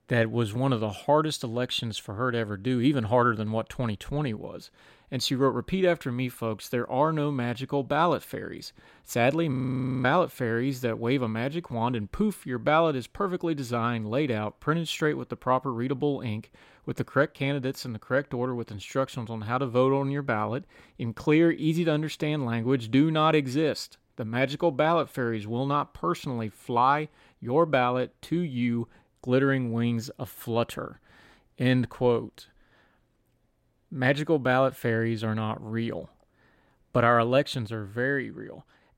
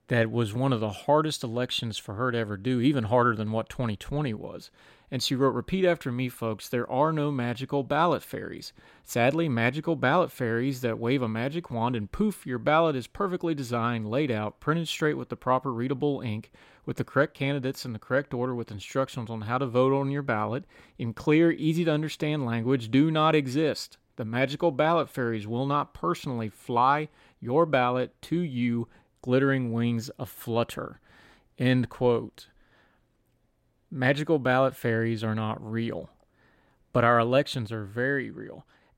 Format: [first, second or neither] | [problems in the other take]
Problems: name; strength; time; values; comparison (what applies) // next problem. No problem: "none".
second | audio freezing; at 9.5 s for 0.5 s